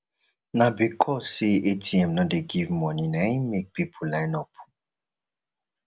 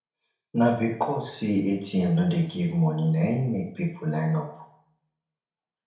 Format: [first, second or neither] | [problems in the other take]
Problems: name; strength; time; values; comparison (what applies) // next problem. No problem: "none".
first | room echo; dies away in 0.6 s